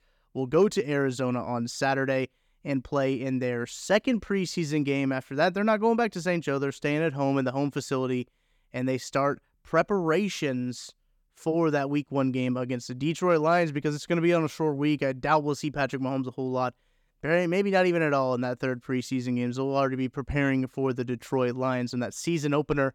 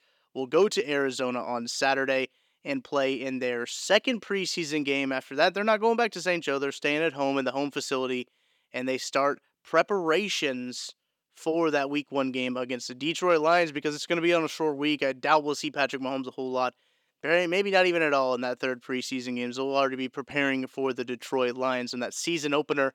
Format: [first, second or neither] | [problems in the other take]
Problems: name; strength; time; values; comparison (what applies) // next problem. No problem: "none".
first | thin; very slightly; fading below 300 Hz